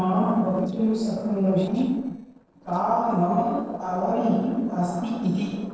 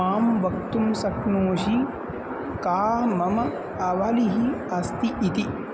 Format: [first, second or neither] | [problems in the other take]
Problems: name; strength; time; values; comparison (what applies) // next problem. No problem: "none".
second | noise reduction (neural separator model SepFormer DNS4)